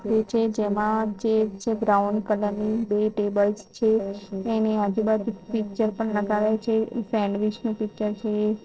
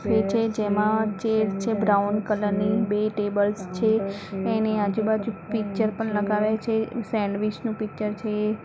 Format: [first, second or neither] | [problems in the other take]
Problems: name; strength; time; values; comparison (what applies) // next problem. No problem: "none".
second | noise reduction (neural separator model SepFormer DNS4)